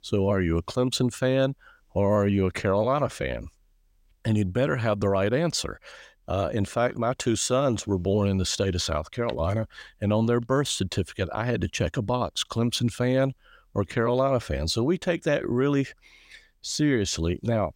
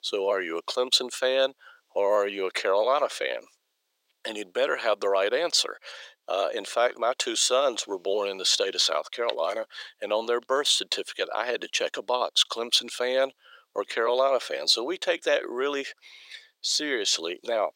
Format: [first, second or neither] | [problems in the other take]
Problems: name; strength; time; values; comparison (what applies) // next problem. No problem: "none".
first | thin; very; fading below 400 Hz